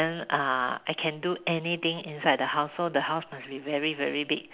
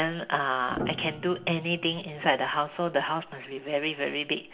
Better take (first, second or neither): first